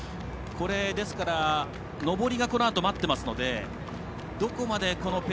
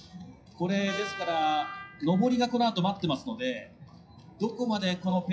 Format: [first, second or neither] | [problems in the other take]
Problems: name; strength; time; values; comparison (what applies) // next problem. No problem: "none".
first | noise reduction (classical method WPE with log-MMSE)